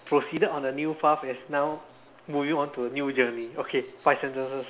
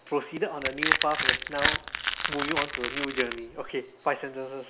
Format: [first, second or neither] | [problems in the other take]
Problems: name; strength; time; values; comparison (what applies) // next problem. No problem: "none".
first | background sound (Crushing); 3 dB above the speech